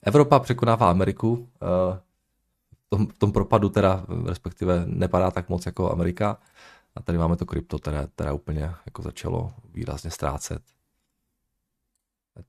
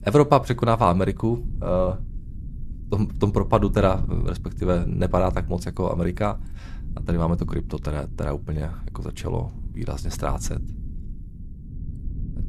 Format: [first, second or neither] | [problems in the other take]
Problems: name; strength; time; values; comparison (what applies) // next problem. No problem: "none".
first | low rumble; faint; throughout; 25 dB below the speech